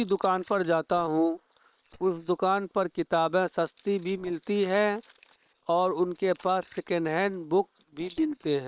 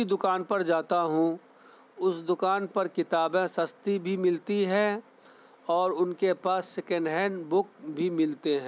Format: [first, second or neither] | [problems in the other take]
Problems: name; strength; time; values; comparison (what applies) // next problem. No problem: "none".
second | noise reduction (neural separator model SepFormer WHAM!)